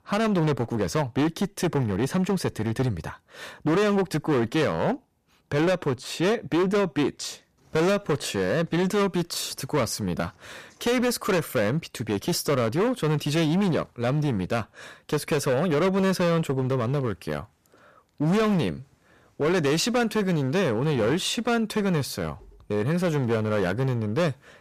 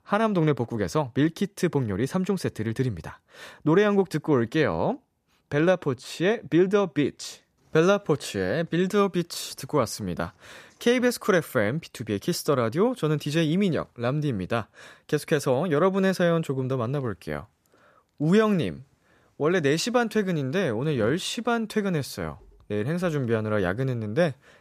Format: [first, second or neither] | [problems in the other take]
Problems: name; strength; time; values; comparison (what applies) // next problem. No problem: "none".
second | distortion; heavy; 15% of the sound clipped